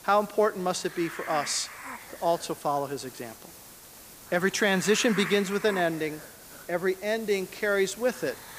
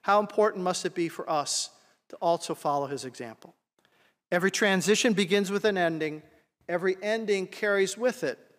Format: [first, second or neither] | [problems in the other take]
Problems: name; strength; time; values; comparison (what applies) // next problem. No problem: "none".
second | hiss; noticeable; throughout; 15 dB below the speech